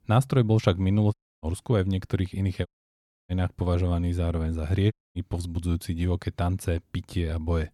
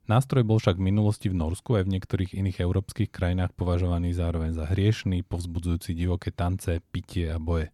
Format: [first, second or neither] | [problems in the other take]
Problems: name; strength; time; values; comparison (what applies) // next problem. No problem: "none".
second | audio cutting out; at 1 s, at 2.5 s for 0.5 s and at 5 s